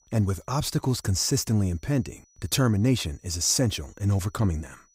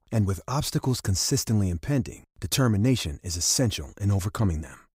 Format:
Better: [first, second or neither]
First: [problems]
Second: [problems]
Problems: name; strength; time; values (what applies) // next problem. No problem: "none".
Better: second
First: high-pitched whine; faint; throughout; 6 kHz, 35 dB below the speech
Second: none